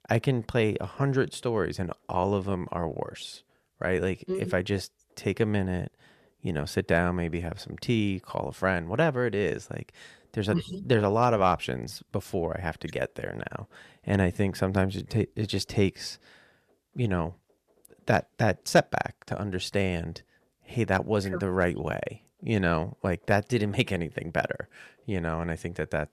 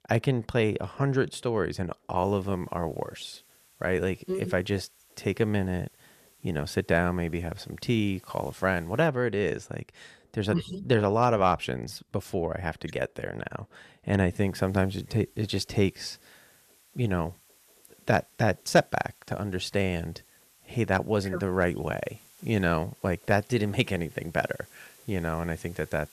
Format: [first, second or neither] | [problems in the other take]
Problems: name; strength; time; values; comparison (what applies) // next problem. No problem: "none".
first | hiss; faint; from 2 to 9 s and from 14 s on; 25 dB below the speech